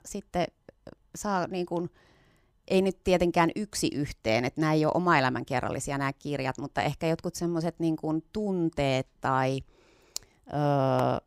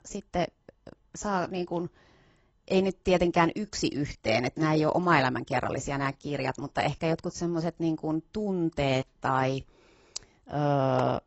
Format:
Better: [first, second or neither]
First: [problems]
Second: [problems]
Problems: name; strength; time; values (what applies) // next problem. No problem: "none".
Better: first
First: none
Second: garbled, watery; badly; nothing above 7.5 kHz